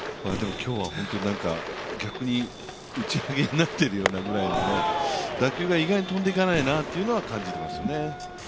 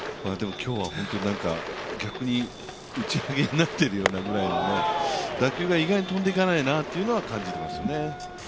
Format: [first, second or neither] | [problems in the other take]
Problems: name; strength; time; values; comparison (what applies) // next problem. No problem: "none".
second | background sound (Boom); 12 dB below the speech